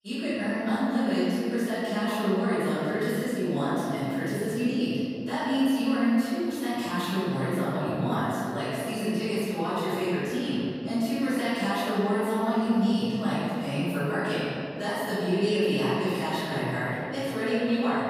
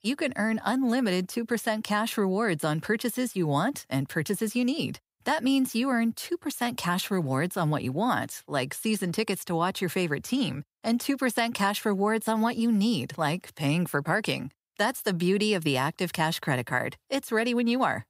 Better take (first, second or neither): second